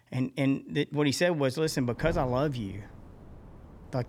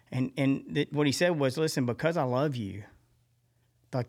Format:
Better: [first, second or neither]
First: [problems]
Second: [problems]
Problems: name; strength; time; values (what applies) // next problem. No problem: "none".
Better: second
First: wind noise on the microphone; occasional gusts; from 1.5 s on; 20 dB below the speech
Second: none